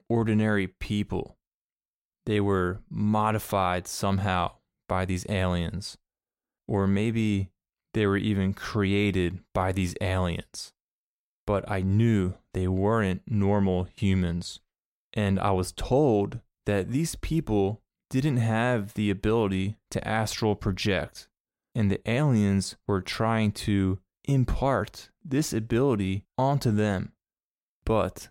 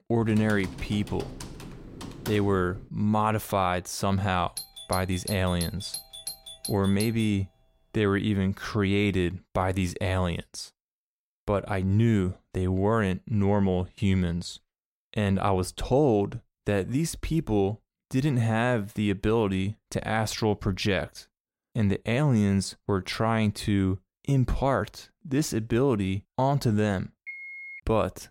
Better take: first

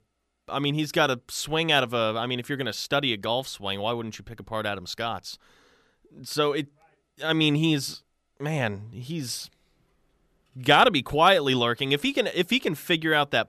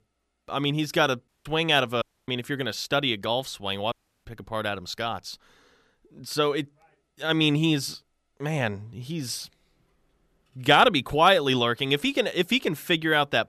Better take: first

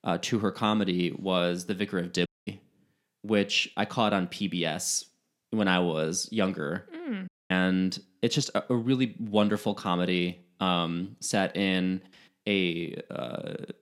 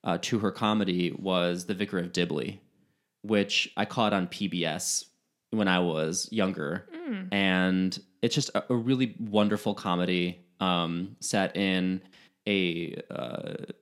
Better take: second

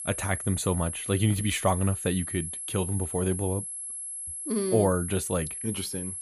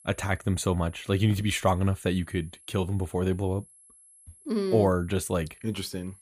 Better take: second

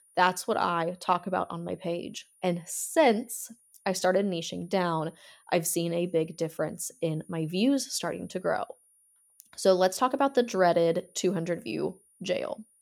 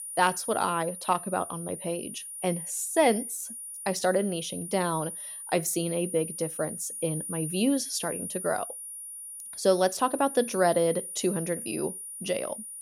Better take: first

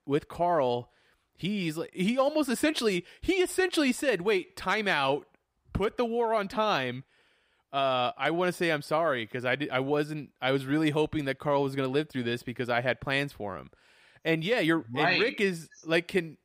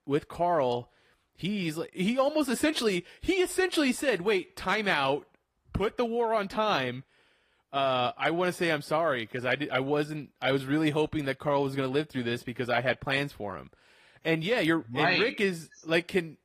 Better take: first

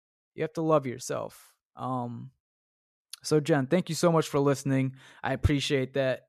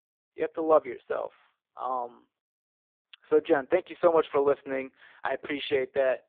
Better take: first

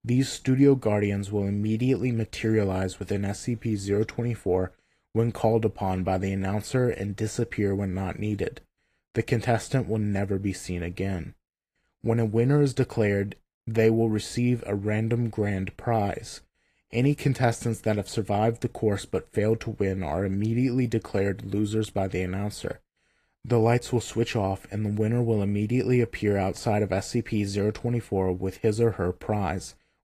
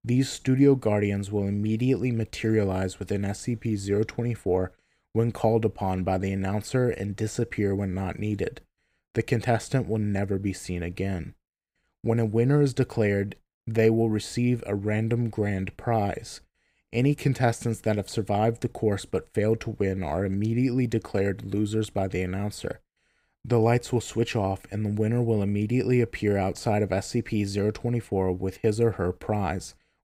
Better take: second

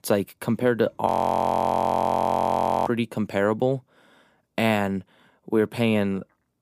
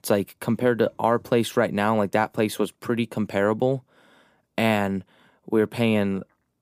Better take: second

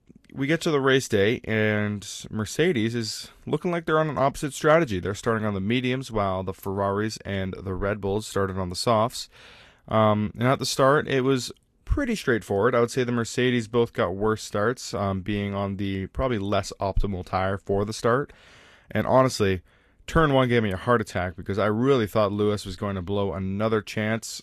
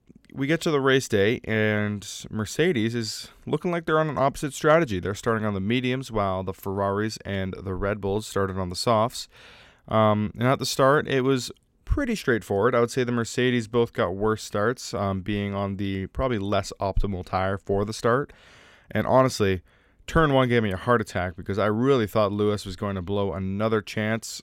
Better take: second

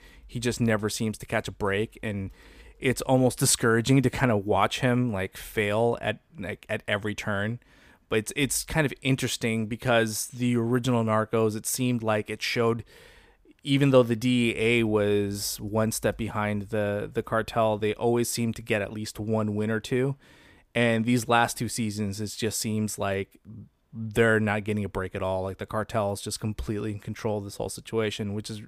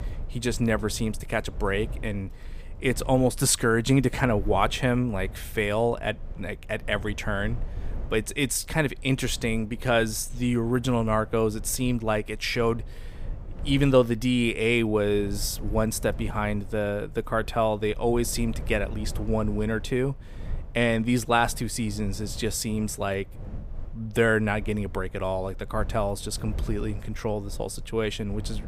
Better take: first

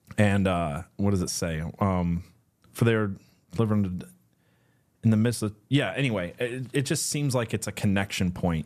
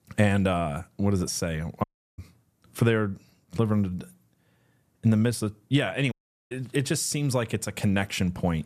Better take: first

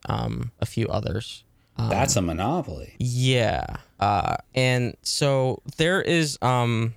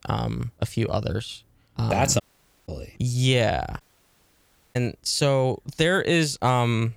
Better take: first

